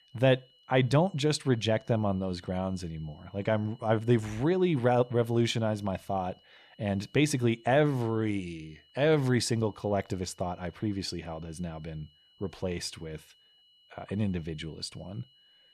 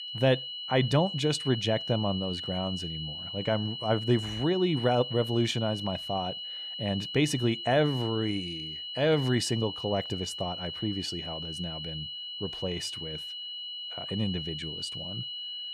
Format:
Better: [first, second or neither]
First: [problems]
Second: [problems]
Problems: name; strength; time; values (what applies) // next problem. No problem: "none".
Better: first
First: high-pitched whine; faint; throughout; 3 kHz, 30 dB below the speech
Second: high-pitched whine; loud; throughout; 3 kHz, 6 dB below the speech